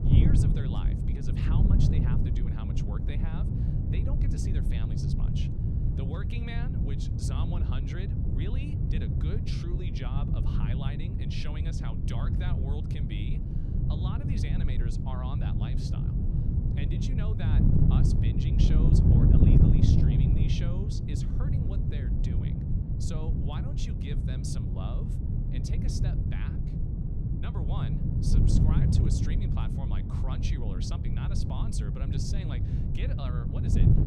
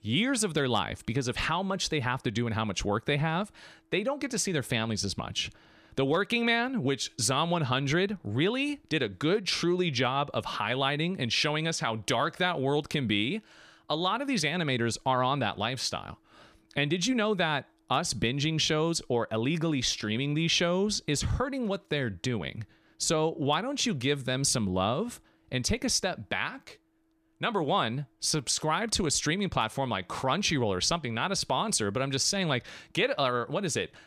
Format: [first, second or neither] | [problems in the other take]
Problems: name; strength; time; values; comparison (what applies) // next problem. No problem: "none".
second | wind noise on the microphone; heavy; 4 dB above the speech